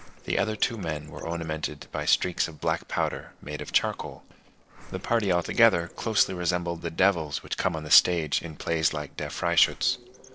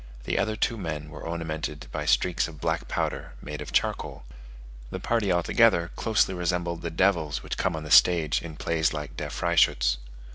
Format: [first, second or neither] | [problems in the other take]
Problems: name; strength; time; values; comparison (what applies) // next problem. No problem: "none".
second | noise reduction (neural separator model SepFormer DNS4)